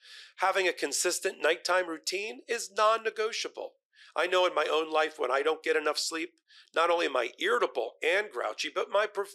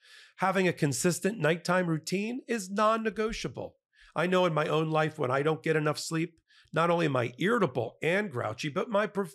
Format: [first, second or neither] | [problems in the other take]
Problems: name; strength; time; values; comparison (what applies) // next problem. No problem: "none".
second | thin; very; fading below 350 Hz